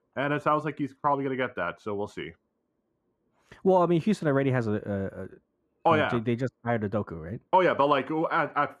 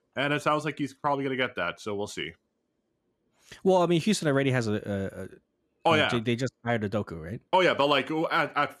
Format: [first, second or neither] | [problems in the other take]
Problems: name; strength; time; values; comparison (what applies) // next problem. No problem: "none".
second | muffled; slightly; fading above 2.5 kHz